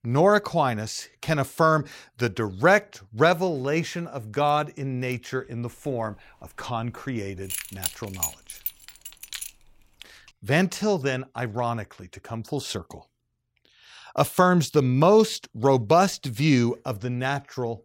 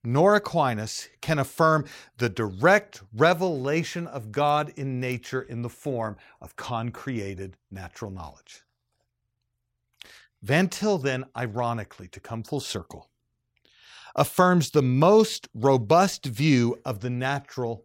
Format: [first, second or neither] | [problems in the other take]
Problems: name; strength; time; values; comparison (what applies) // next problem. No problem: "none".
second | jangling keys; noticeable; from 7.5 to 9.5 s; peak 4 dB below the speech